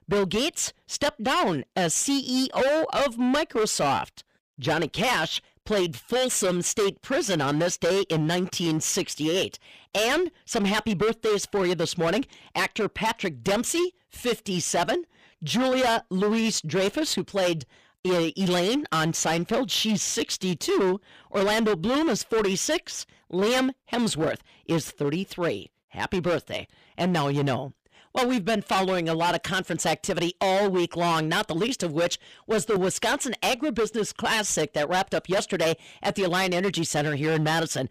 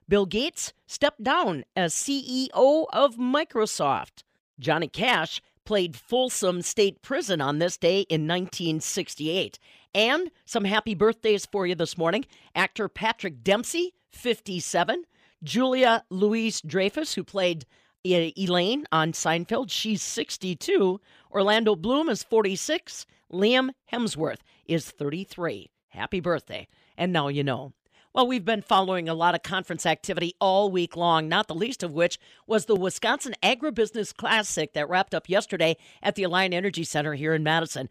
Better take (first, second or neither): second